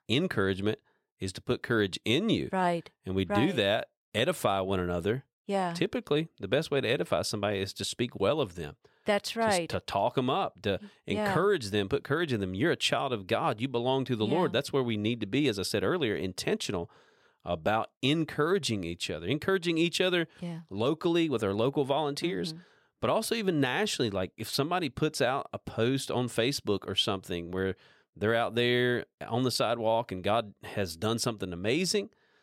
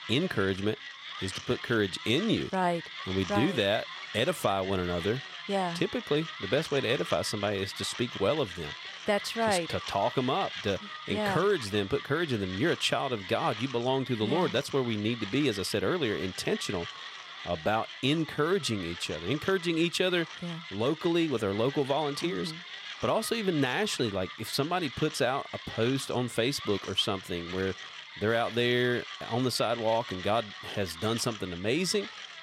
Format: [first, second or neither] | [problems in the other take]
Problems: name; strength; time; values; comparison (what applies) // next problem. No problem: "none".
first | machinery noise; noticeable; throughout; 10 dB below the speech